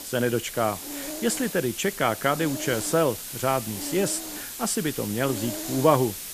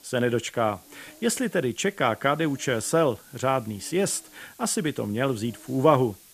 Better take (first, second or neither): second